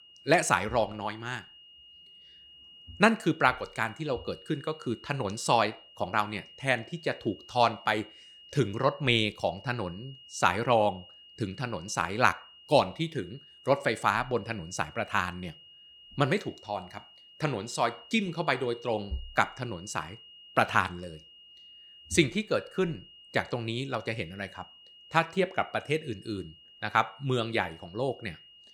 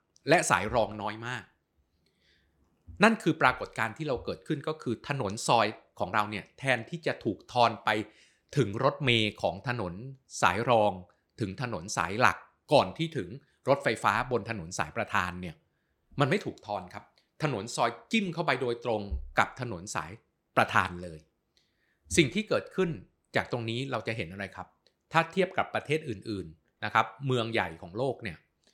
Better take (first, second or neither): second